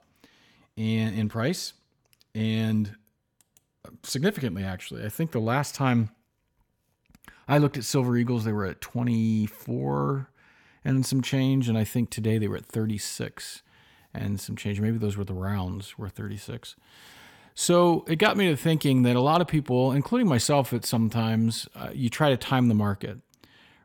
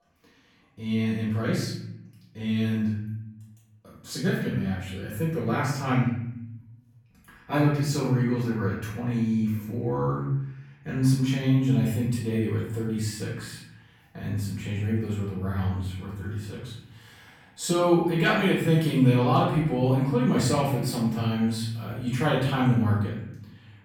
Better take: first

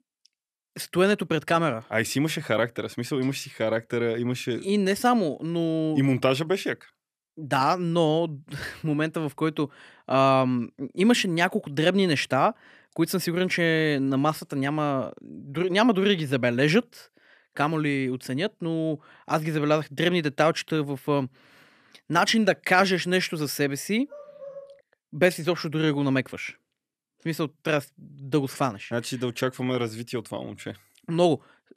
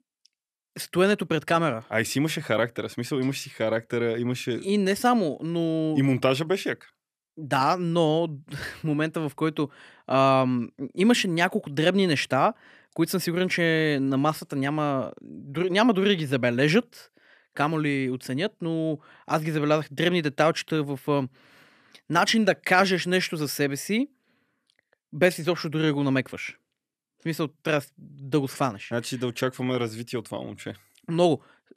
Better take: second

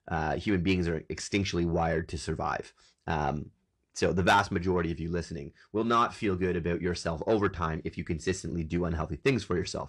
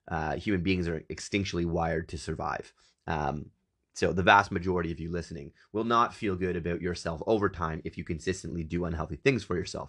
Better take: second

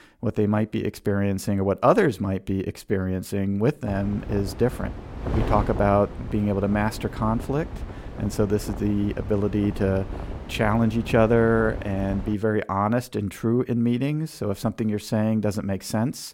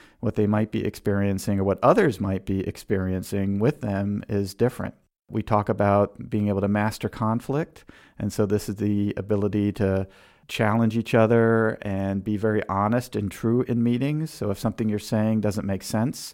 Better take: second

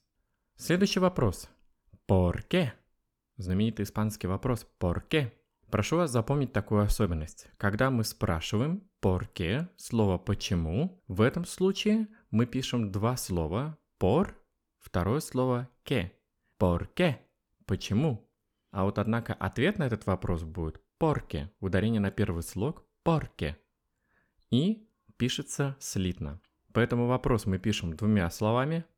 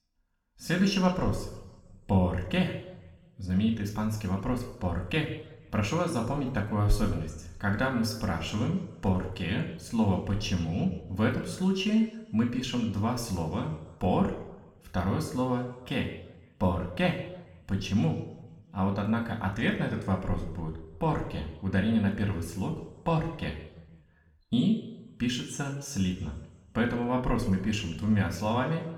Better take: first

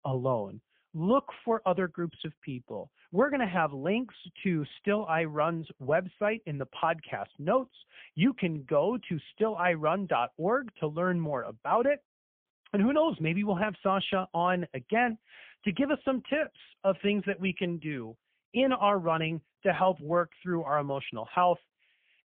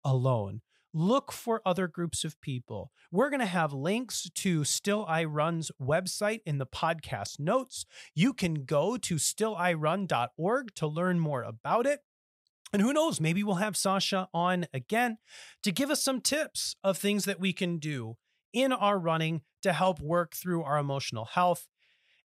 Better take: second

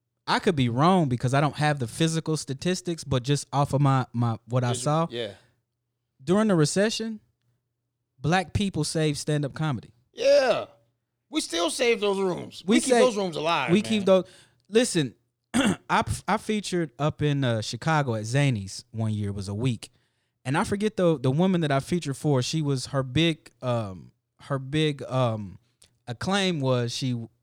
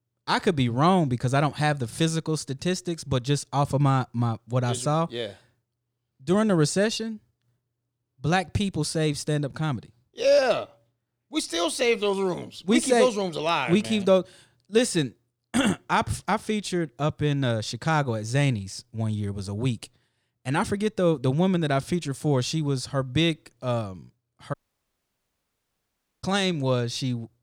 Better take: first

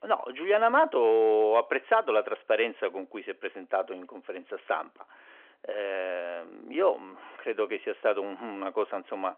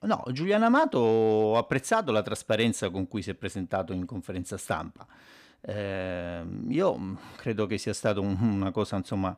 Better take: second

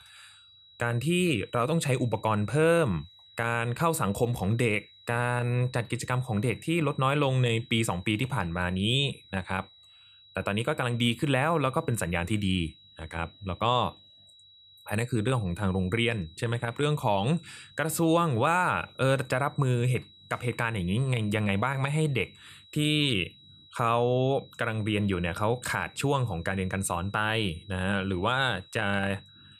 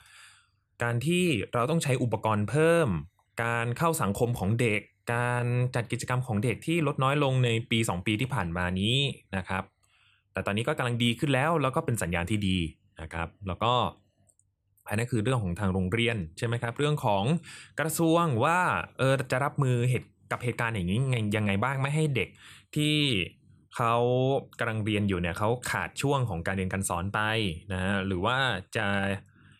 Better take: second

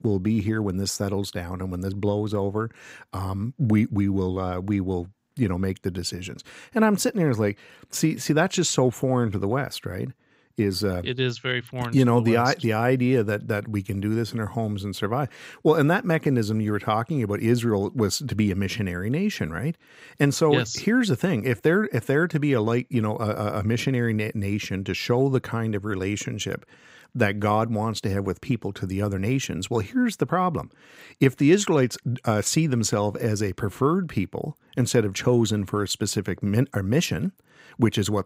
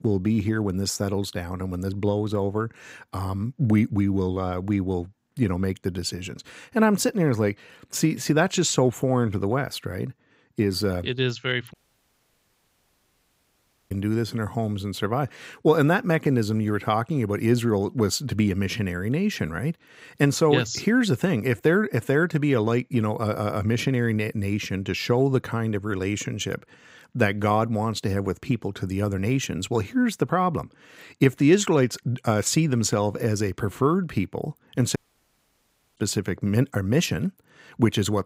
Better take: first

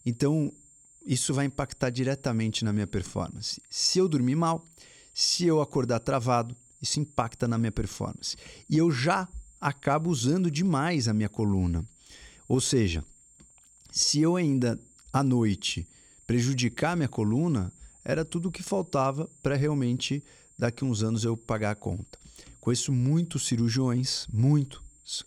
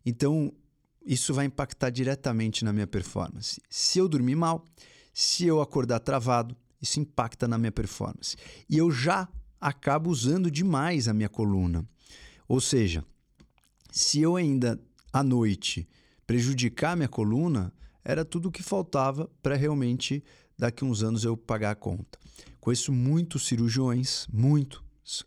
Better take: second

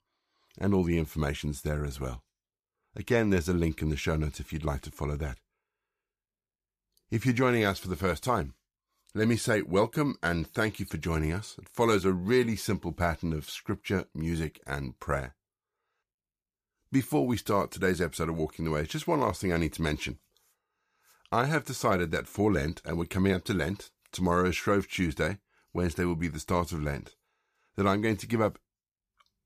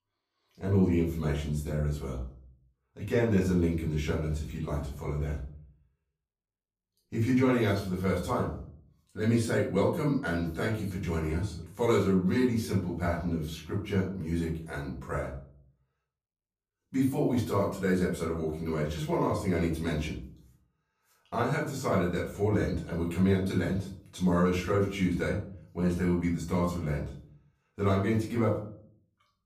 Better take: first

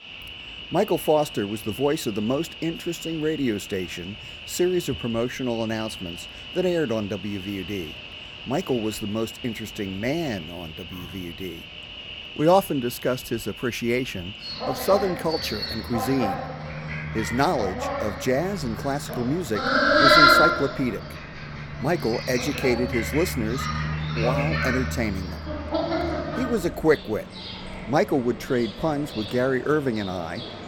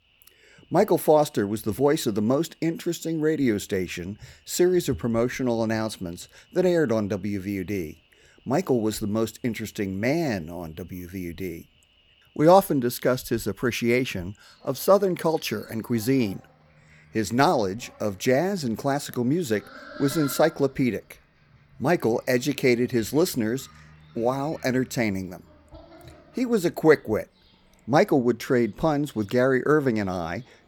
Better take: second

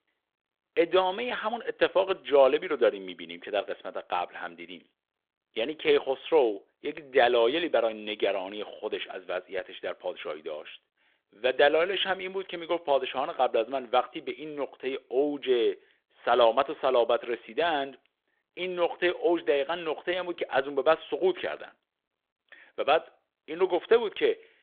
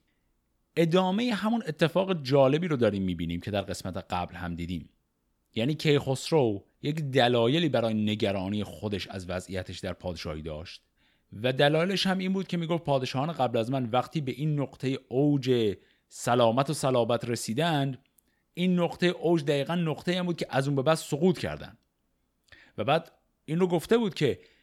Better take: second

